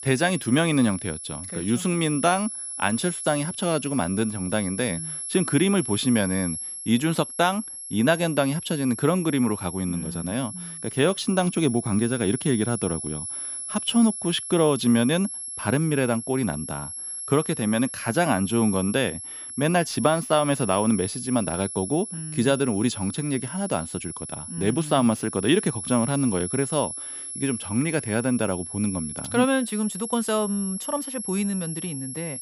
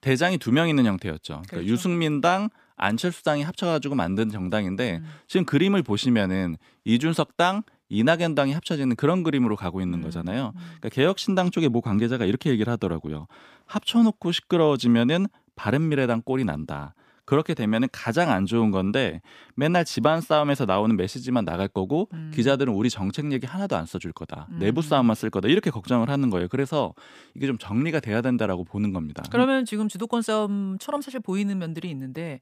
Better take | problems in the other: second | high-pitched whine; loud; throughout; 11 kHz, 8 dB below the speech

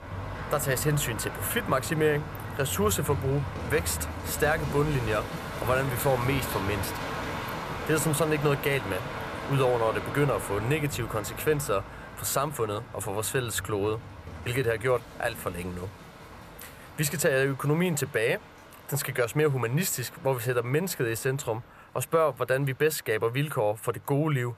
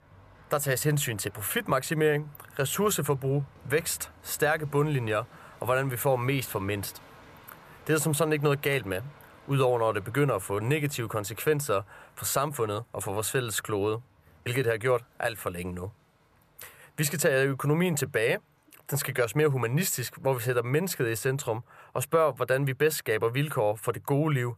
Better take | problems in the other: second | animal sounds; loud; throughout; 9 dB below the speech; faint in the second

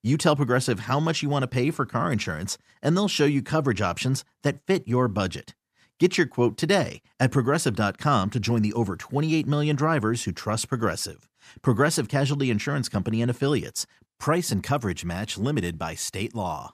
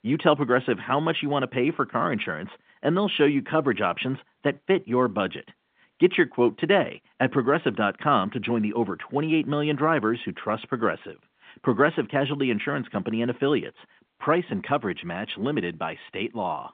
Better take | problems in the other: first | phone-call audio; nothing above 3 kHz

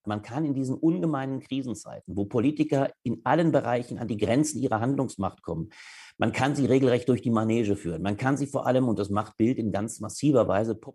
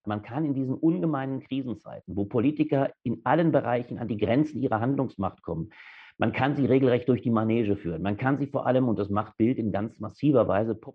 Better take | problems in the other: first | muffled; very; fading above 3 kHz

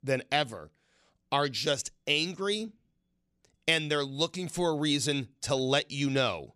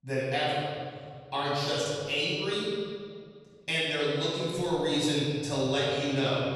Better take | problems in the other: first | room echo; strong; dies away in 2.1 s // off-mic speech; far

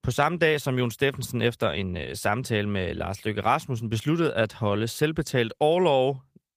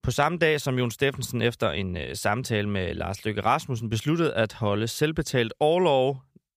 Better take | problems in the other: second | garbled, watery; slightly; nothing above 15 kHz

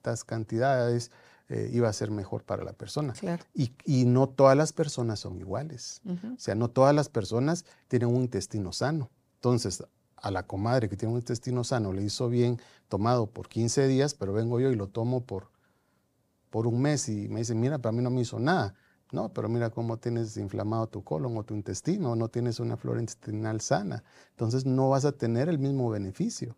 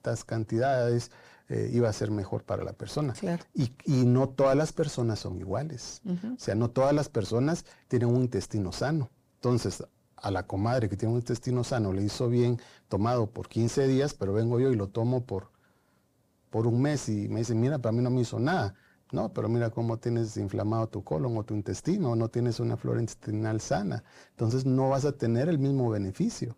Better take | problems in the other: first | distortion; slight; 10 dB below the speech

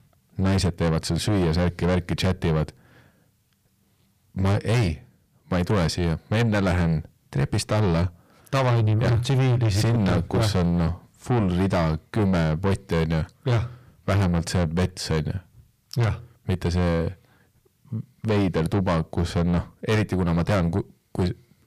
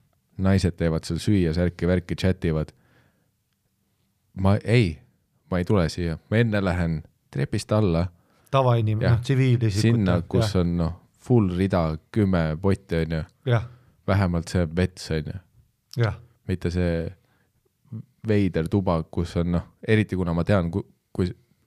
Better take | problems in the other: second | distortion; heavy; 7 dB below the speech

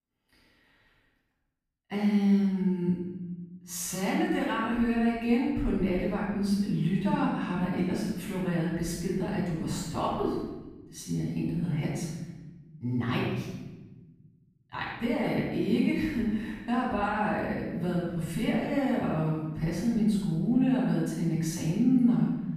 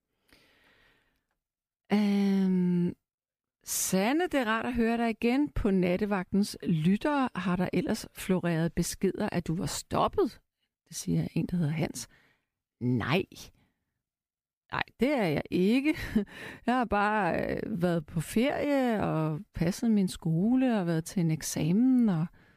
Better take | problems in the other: second | room echo; strong; dies away in 1.2 s // off-mic speech; far

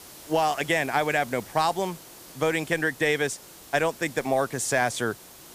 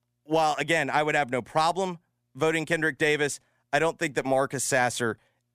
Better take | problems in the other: second | hiss; noticeable; throughout; 20 dB below the speech

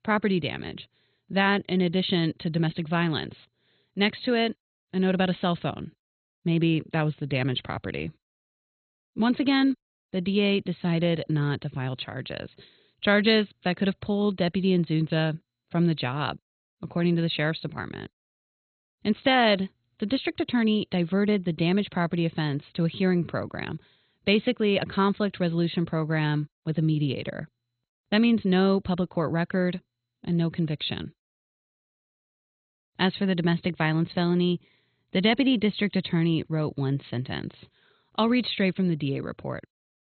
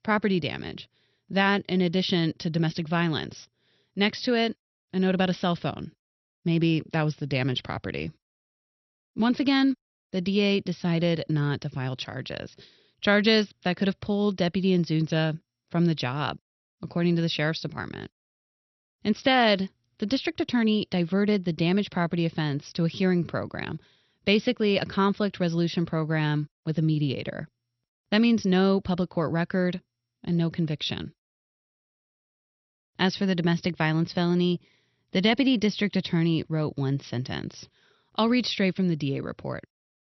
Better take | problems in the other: second | garbled, watery; badly; nothing above 4 kHz; slightly in the second

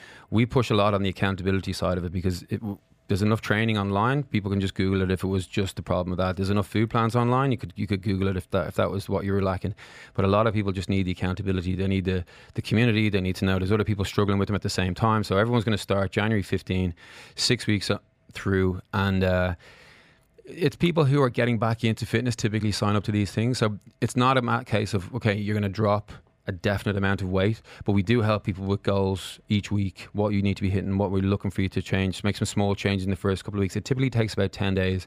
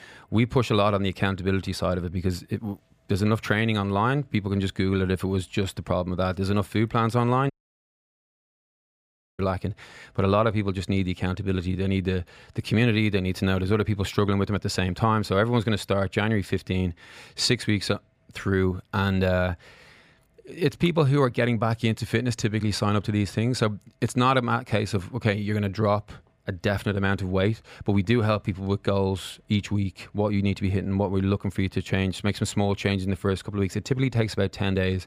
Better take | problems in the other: first | audio cutting out; at 7.5 s for 2 s

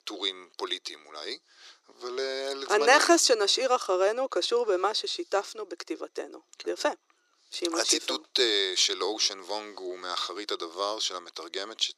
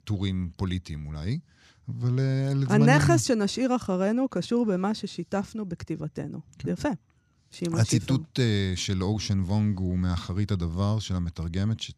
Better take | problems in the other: second | thin; very; fading below 350 Hz

